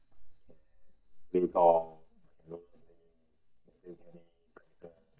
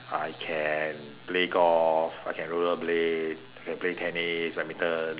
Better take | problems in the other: second | noise reduction (neural mask model DeepFilterNet 3)

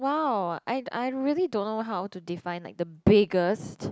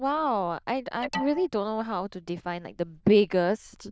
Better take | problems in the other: first | noise reduction (neural diffusion model UNIVERSE++)

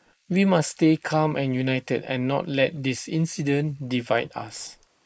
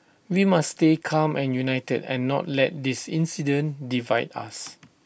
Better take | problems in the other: second | noise reduction (neural mask model Resemble Enhance denoiser)

